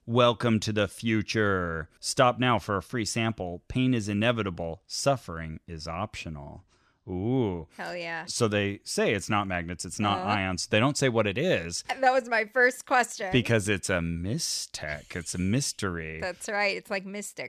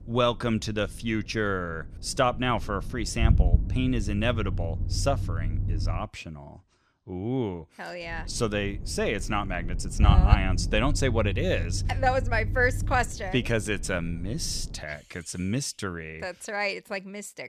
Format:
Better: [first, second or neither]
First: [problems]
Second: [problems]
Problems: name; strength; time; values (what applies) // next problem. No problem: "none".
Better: first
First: none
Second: low rumble; noticeable; until 6 s and from 8 to 15 s; 15 dB below the speech